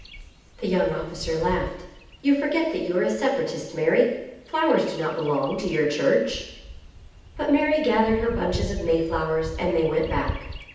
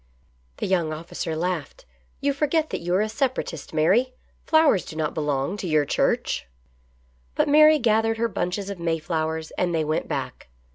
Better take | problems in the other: second | background sound (Bird vocalization, bird call, bird song); 13 dB below the speech // room echo; dies away in 0.9 s

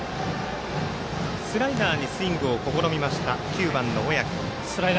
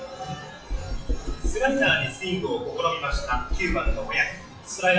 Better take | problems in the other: first | noise reduction (classical method WPE with log-MMSE)

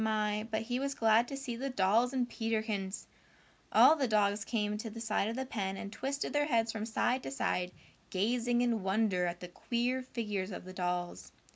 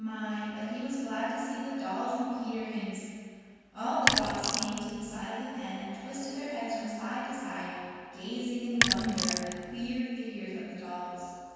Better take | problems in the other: first | background sound (Sink (filling or washing)); 3 dB above the speech // room echo; dies away in 2.1 s

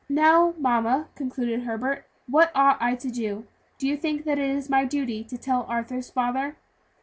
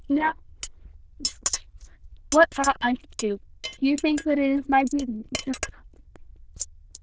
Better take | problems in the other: first | noise reduction (neural diffusion model UNIVERSE++)

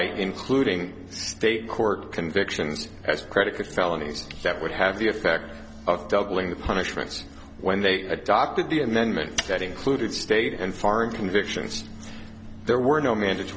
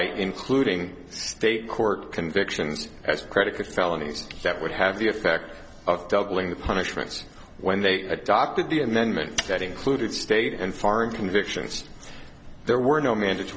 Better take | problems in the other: second | background sound (Piano); 19 dB below the speech

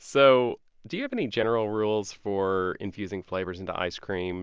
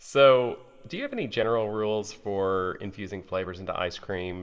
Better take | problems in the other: first | room echo; dies away in 2.5 s

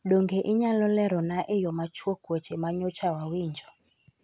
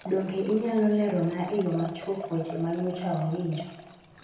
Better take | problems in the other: first | background sound (Liquid); 15 dB below the speech // room echo; dies away in 0.9 s

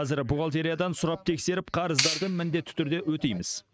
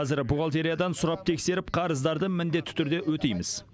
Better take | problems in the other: second | noise reduction (neural mask model RNNoise)

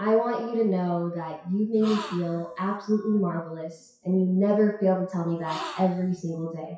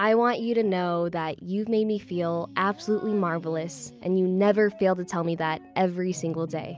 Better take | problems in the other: second | noise reduction (classical method WPE with log-MMSE)

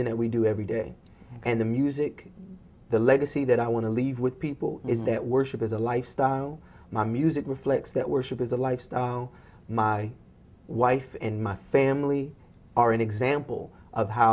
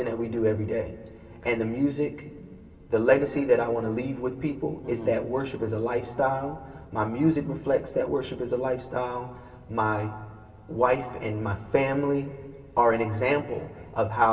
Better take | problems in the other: first | room echo; dies away in 2.7 s

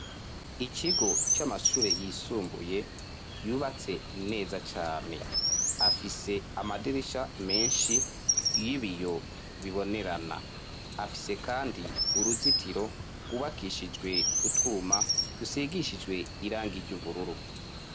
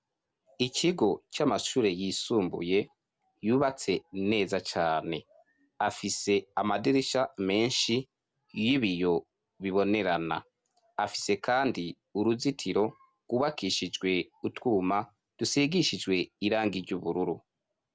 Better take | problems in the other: second | background sound (Chirp, tweet); 2 dB above the speech

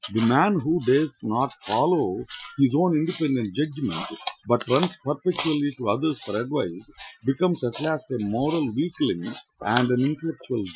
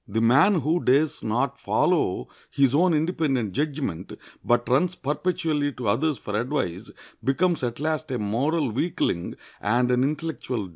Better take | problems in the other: second | noise reduction (classical method Wiener filter)

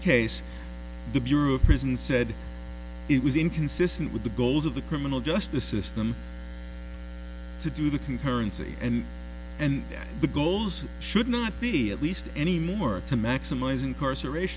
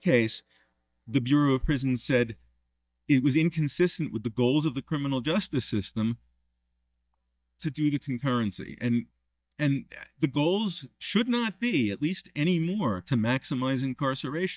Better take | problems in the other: first | noise reduction (neural mask model DeepFilterNet 3)

